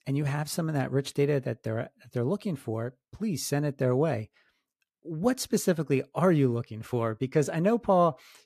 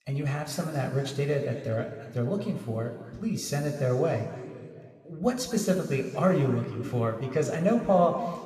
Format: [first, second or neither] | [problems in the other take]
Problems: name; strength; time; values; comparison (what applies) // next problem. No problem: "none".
first | room echo; noticeable; dies away in 2.1 s // off-mic speech; somewhat distant